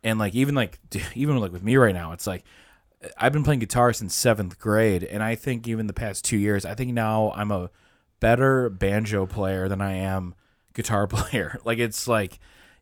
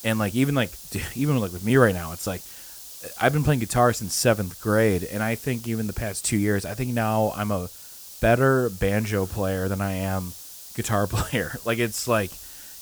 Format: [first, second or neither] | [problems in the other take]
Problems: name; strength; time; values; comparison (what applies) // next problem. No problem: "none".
first | hiss; noticeable; throughout; 15 dB below the speech